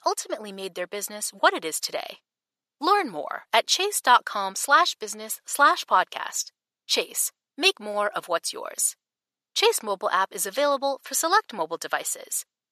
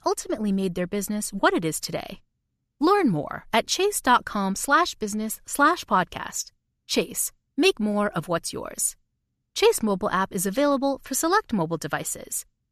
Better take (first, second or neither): second